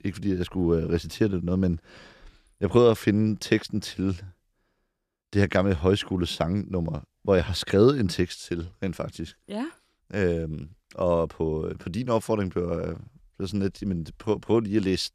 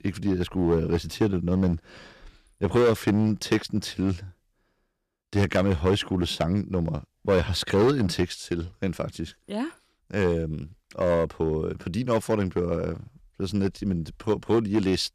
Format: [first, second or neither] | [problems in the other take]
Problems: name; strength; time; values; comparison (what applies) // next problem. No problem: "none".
first | distortion; slight; 4% of the sound clipped